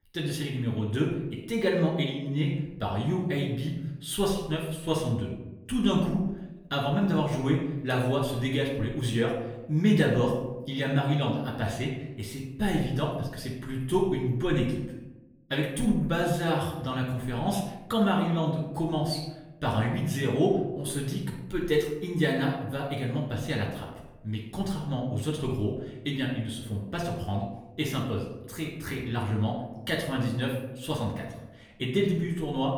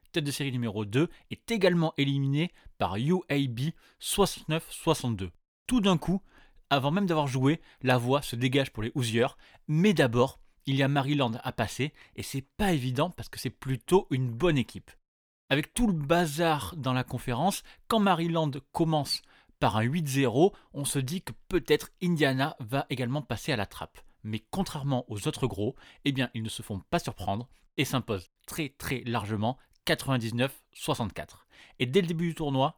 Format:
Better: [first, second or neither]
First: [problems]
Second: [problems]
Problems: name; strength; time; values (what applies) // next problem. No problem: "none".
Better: second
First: room echo; noticeable; dies away in 0.8 s // off-mic speech; far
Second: none